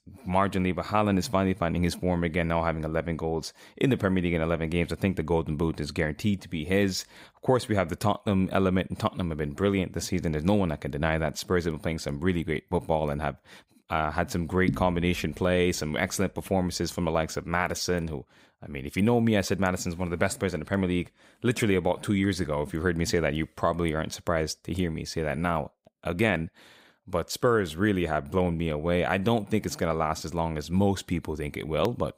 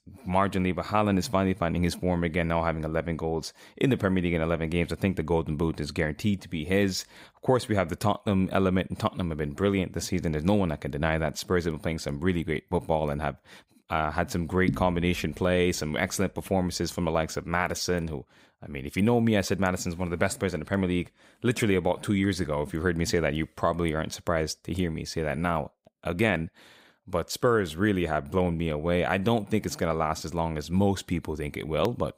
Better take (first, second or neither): neither